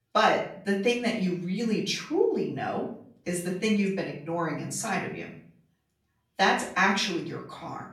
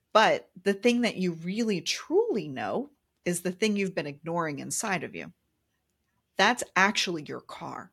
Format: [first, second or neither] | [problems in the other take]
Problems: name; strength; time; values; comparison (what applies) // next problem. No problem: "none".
second | off-mic speech; far // room echo; slight; dies away in 0.5 s